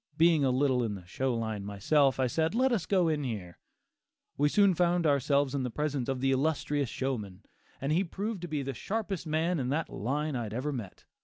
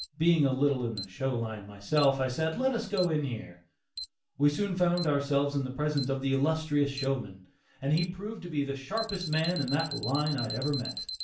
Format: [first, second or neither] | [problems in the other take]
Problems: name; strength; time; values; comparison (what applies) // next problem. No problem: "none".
first | background sound (Alarm); 14 dB below the speech // room echo; dies away in 0.3 s